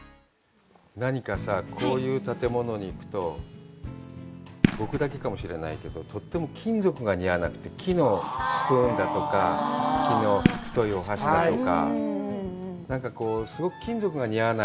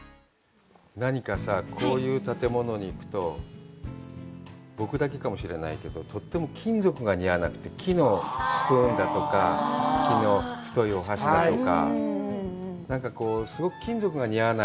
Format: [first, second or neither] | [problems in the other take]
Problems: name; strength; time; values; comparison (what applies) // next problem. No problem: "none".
second | background sound (Fireworks); 3 dB below the speech